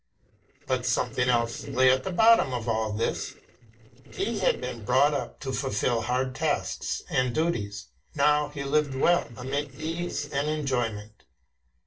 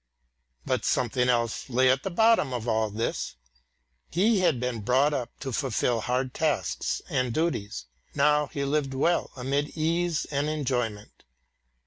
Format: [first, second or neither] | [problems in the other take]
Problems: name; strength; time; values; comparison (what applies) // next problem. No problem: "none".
second | noise reduction (neural separator model SepFormer DNS4)